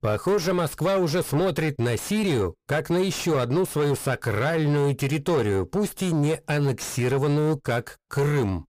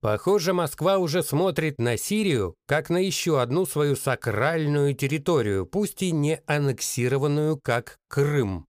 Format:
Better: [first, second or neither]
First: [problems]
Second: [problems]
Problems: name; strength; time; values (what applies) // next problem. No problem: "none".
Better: second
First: distortion; slight; 10 dB below the speech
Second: none